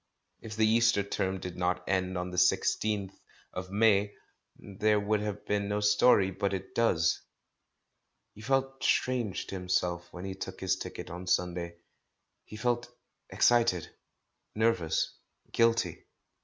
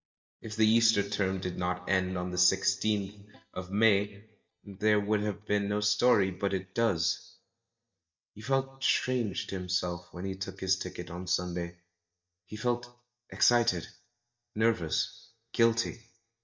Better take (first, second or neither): first